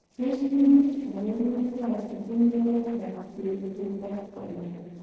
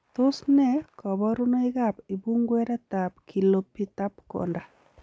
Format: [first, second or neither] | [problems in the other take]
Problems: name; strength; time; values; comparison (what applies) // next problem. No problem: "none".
second | noise reduction (neural separator model SepFormer DNS4)